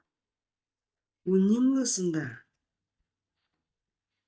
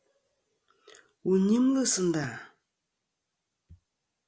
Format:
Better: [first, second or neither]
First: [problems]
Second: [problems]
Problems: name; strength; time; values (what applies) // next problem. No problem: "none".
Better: second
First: noise reduction (neural mask model DeepFilterNet 3)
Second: none